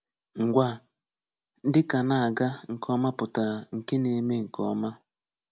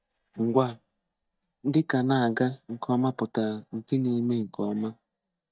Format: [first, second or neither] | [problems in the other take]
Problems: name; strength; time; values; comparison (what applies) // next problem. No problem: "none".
first | noise reduction (neural mask model DeepFilterNet 3)